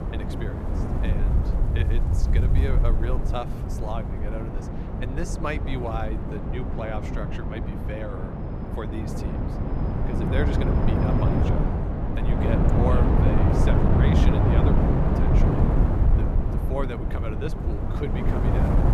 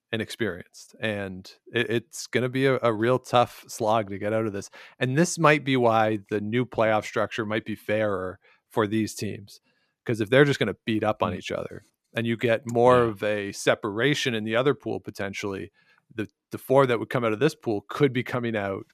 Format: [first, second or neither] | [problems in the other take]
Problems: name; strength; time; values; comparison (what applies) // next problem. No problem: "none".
second | wind noise on the microphone; heavy; 3 dB above the speech